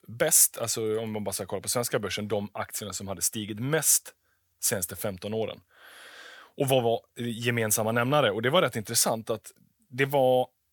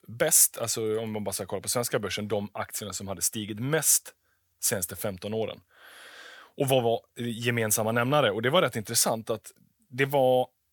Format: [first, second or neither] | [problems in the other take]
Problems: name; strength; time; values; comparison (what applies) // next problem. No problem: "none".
neither | none